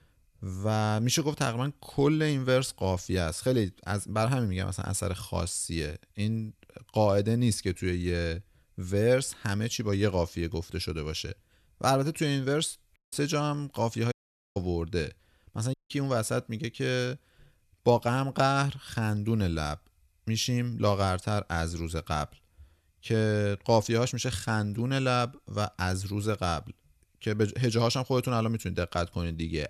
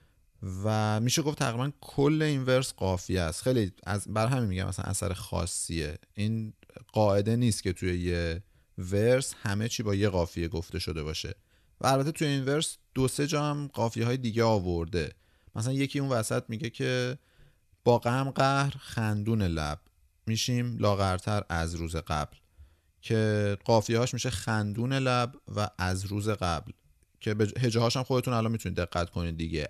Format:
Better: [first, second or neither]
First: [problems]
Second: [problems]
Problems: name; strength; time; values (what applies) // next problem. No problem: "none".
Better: second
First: audio cutting out; at 13 s, at 14 s and at 16 s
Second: none